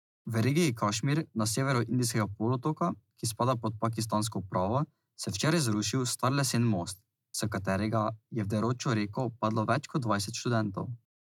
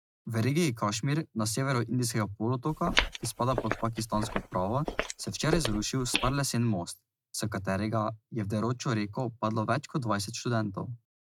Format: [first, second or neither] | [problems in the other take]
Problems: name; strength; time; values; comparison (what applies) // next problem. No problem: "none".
first | noise reduction (neural mask model RNNoise)